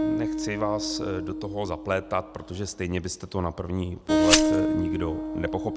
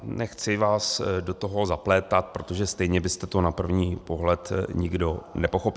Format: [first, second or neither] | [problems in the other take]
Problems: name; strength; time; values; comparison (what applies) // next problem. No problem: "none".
second | background sound (Glass + Acoustic guitar); 3 dB above the speech